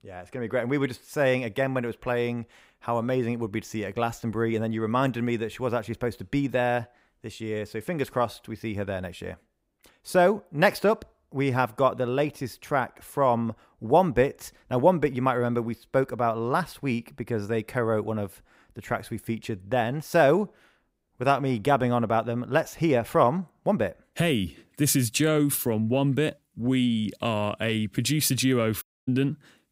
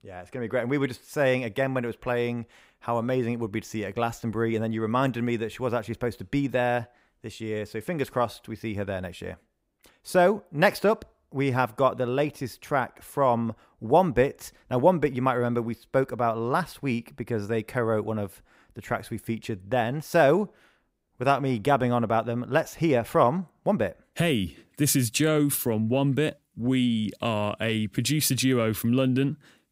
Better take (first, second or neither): second